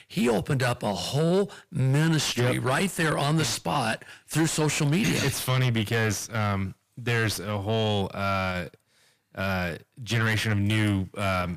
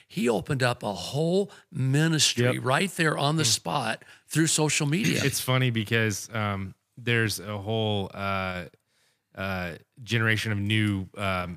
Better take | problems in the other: second | distortion; heavy; 7 dB below the speech

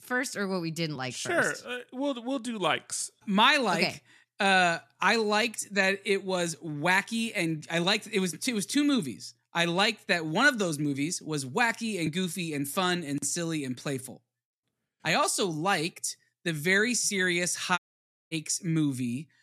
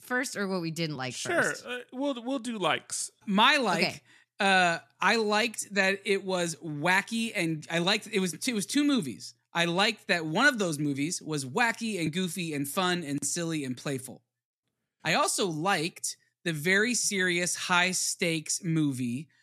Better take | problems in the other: second | audio cutting out; at 18 s for 0.5 s

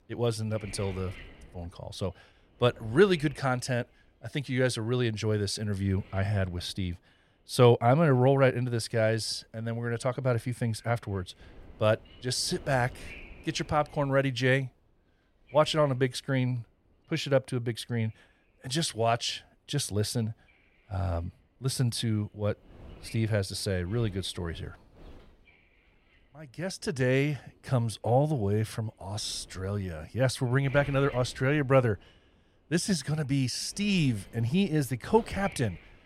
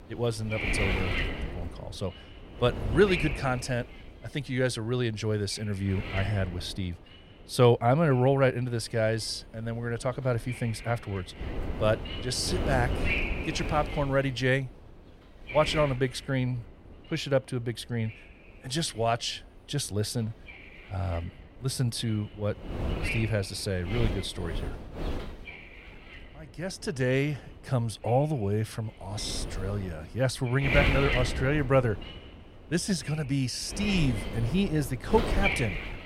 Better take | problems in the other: first | wind noise on the microphone; heavy; 4 dB below the speech; occasional gusts in the first

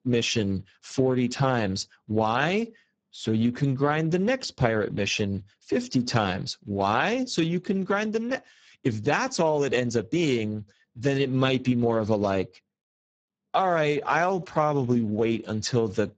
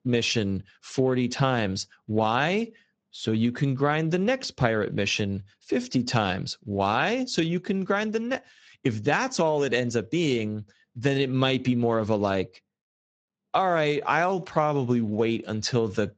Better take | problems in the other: second | garbled, watery; badly; nothing above 7.5 kHz; slightly in the second

